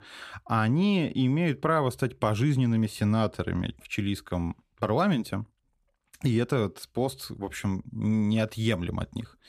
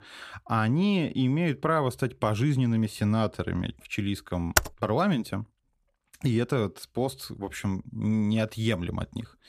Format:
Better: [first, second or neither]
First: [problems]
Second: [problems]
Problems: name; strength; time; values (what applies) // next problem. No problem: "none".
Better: first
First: none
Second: keyboard typing; very faint; at 4.5 s; peak 2 dB above the speech